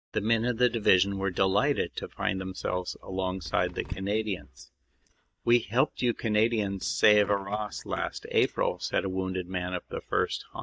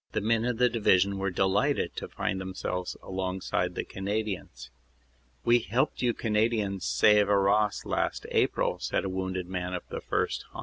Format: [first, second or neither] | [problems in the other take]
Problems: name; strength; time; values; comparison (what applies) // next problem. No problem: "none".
second | noise reduction (neural mask model DeepFilterNet 3)